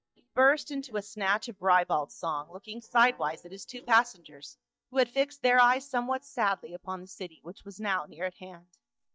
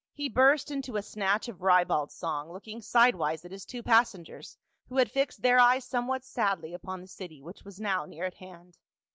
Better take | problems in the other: second | noise reduction (neural mask model DeepFilterNet 3)

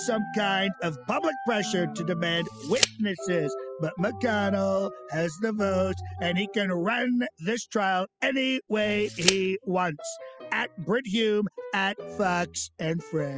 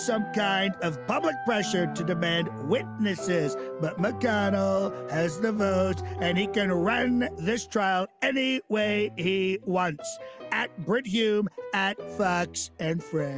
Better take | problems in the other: second | noise reduction (classical method spectral subtraction)

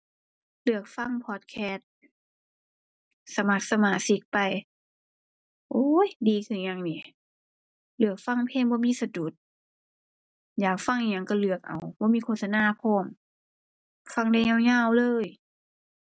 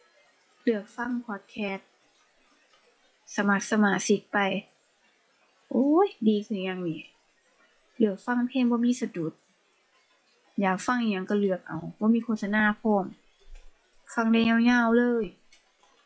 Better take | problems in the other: first | noise reduction (classical method log-MMSE)

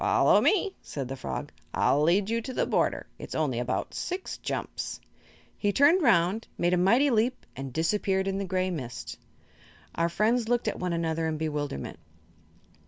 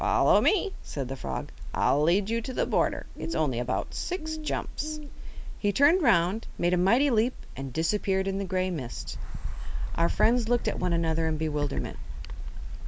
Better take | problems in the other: first | background sound (Bird); 3 dB below the speech

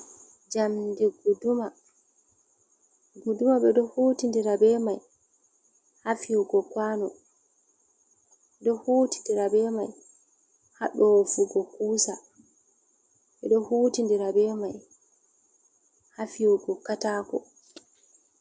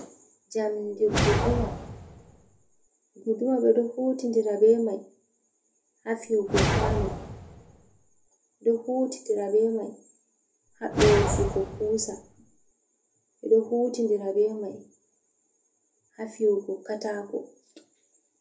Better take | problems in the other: first | background sound (Whoosh, swoosh, swish); 1 dB below the speech // room echo; dies away in 0.3 s

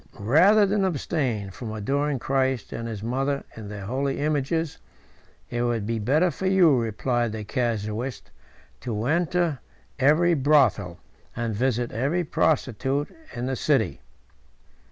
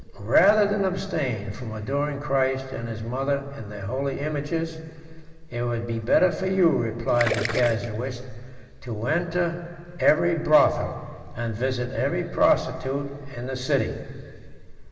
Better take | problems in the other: first | background sound (Gurgling); 7 dB below the speech // room echo; dies away in 2.2 s

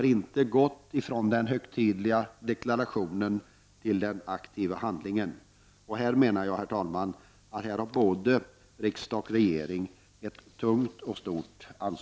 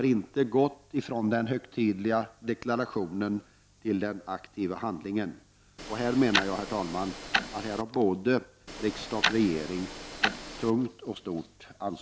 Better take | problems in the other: first | background sound (Tick-tock); 3 dB below the speech

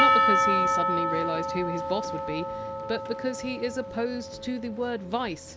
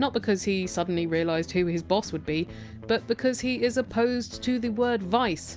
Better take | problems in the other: second | background sound (Percussion); 4 dB above the speech

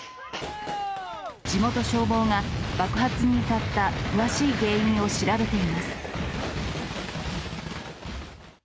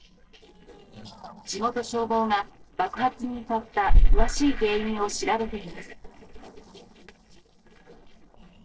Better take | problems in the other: first | noise reduction (neural separator model SepFormer DNS4)

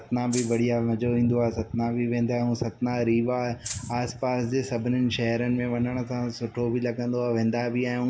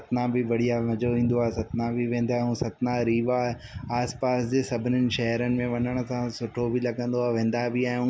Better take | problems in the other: second | background sound (Rattle (instrument)); 10 dB below the speech // room echo; dies away in 0.5 s

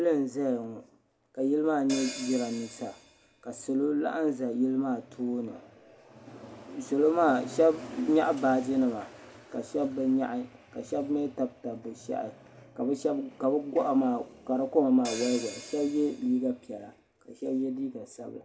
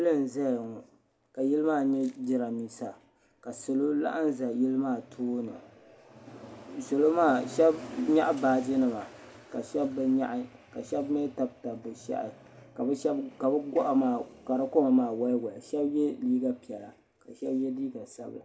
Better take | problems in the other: second | background sound (Hi-hat); 14 dB below the speech

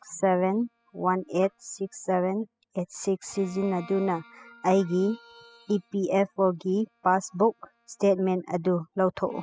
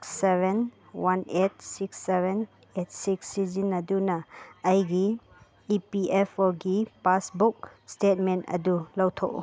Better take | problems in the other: second | noise reduction (classical method spectral subtraction)

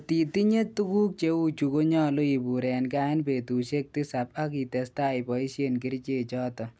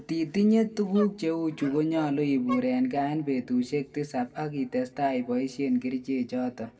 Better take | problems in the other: first | background sound (Dog); 18 dB below the speech // room echo; dies away in 0.5 s

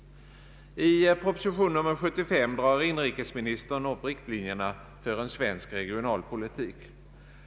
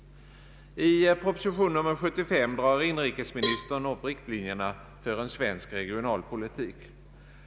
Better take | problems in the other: first | background sound (Cowbell); 10 dB below the speech

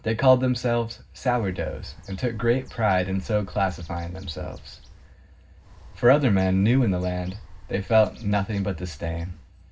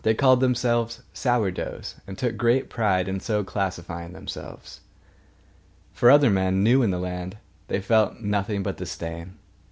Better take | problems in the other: second | background sound (Bird); 19 dB below the speech // room echo; dies away in 0.4 s

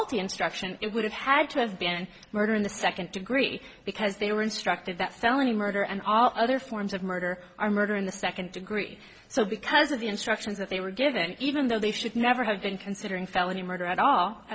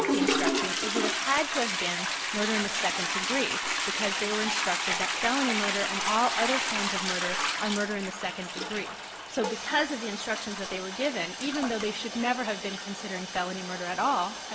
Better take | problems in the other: first | background sound (Toilet flush); as loud as the speech

